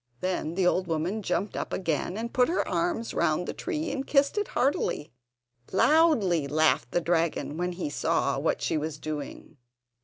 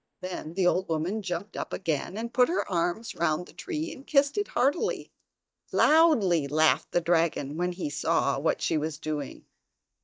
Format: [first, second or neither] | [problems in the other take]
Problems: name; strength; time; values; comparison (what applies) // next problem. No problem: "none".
first | noise reduction (neural mask model DeepFilterNet 3)